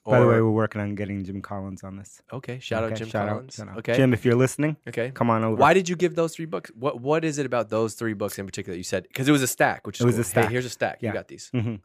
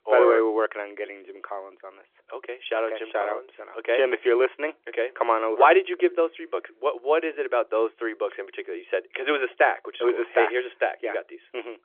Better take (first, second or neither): first